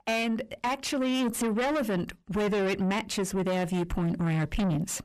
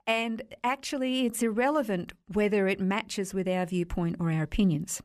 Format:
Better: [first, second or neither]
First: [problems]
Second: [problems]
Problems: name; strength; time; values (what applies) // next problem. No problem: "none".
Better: second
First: distortion; heavy; 7 dB below the speech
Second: none